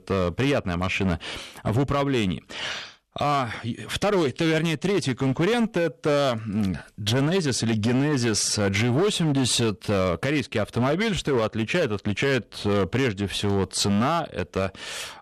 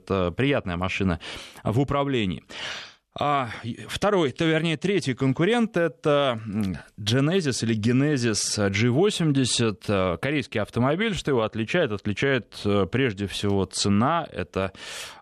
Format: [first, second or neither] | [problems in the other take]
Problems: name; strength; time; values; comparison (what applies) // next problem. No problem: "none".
second | distortion; slight; 13% of the sound clipped